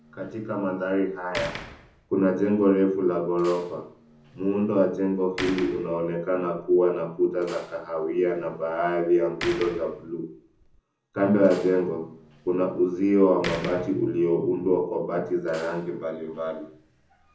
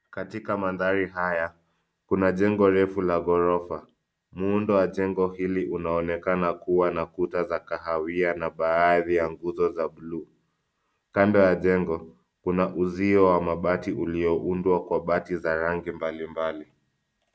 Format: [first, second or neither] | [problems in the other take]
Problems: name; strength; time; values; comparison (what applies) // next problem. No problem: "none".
second | background sound (Slam); 18 dB below the speech // room echo; dies away in 0.6 s